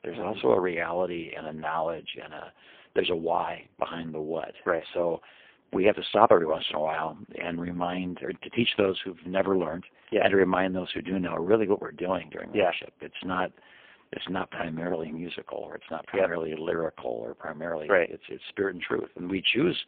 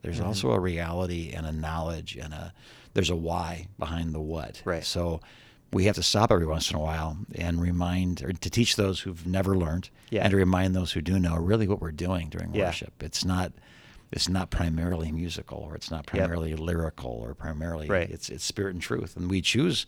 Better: second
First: phone-call audio; poor line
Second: none

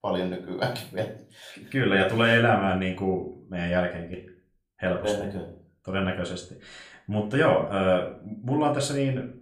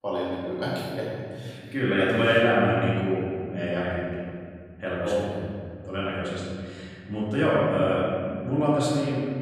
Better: first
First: room echo; slight; dies away in 0.4 s // off-mic speech; somewhat distant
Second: room echo; strong; dies away in 2.2 s // off-mic speech; far

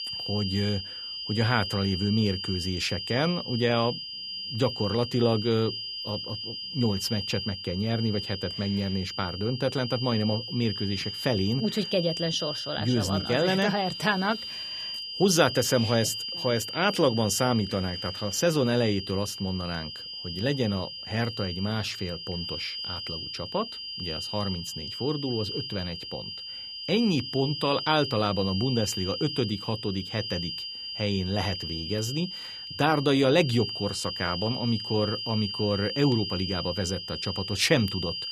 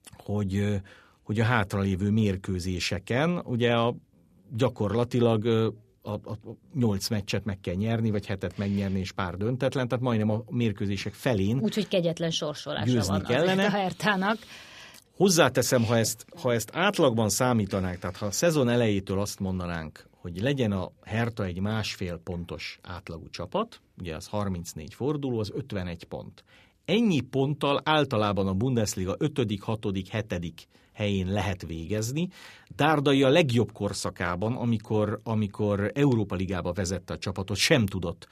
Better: second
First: high-pitched whine; loud; throughout; 5 kHz, 5 dB below the speech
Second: none

